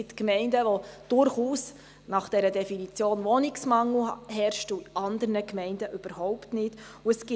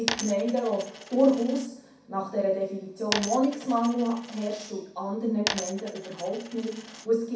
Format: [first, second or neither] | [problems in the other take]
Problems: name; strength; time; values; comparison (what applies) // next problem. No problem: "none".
first | background sound (Coin (dropping)); 9 dB below the speech // room echo; dies away in 0.6 s